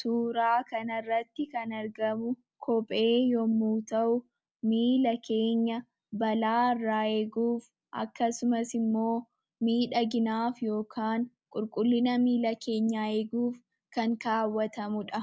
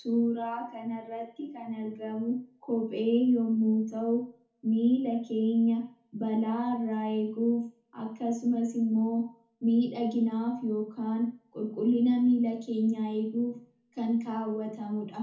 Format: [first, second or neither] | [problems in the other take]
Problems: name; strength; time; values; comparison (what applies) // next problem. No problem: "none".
first | room echo; dies away in 0.6 s